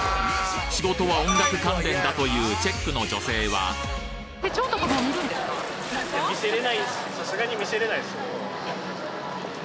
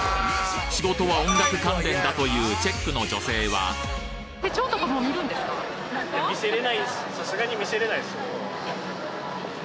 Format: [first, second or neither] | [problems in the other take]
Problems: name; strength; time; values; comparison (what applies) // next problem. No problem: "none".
second | background sound (Bathtub (filling or washing) / Splash, splatter); 16 dB below the speech